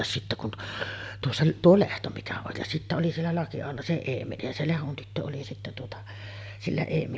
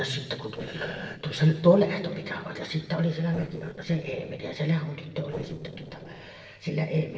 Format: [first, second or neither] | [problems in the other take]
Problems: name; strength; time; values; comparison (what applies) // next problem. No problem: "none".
first | noise reduction (neural separator model SepFormer DNS4)